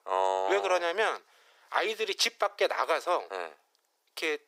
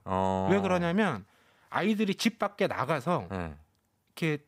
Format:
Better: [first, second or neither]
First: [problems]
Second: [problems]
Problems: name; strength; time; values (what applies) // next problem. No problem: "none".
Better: second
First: thin; very; fading below 400 Hz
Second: none